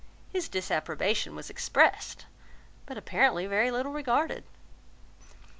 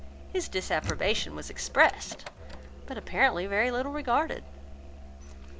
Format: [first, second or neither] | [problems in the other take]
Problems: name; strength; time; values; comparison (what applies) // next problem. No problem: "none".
first | background sound (Musical instrument + Door); 13 dB below the speech